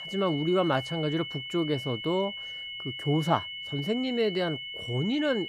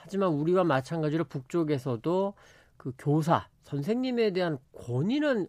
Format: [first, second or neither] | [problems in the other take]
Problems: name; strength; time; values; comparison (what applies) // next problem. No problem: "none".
second | high-pitched whine; loud; throughout; 3 kHz, 7 dB below the speech